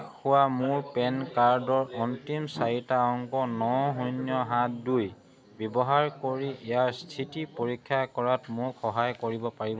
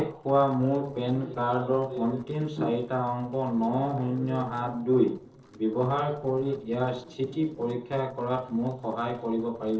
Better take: first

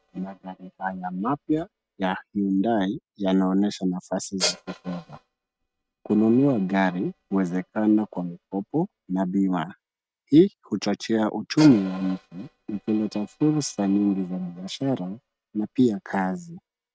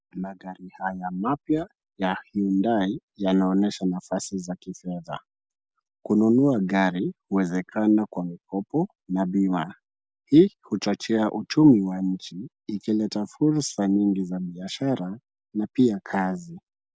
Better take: second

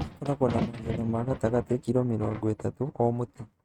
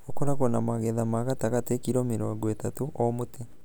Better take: second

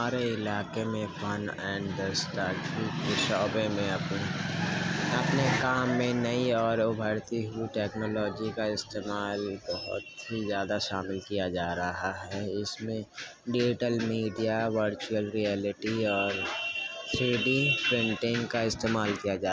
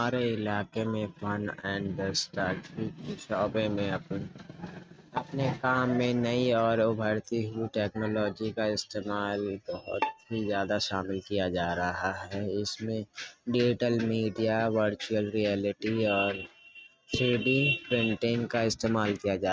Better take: first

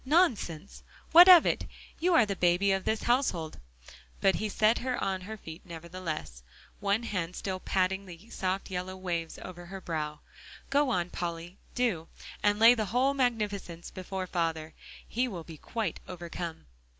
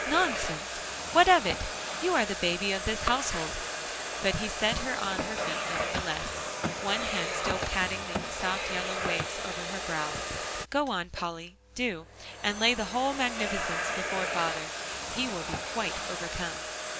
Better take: first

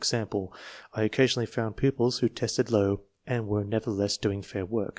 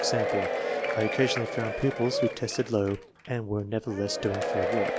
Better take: first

